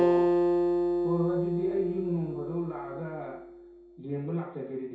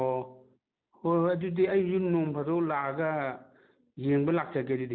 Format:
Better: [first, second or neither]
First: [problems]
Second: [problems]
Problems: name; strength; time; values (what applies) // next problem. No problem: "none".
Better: second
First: background sound (Acoustic guitar); 4 dB above the speech // room echo; dies away in 0.6 s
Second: none